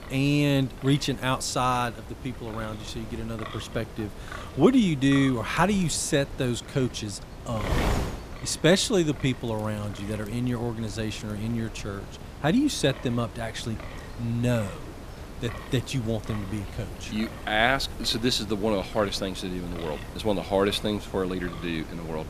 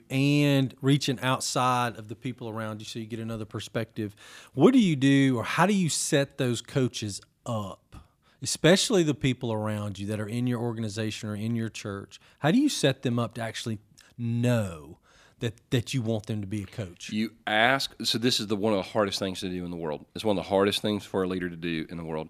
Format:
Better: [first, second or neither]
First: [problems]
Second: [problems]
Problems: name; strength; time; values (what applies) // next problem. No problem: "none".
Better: second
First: wind noise on the microphone; occasional gusts; 15 dB below the speech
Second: none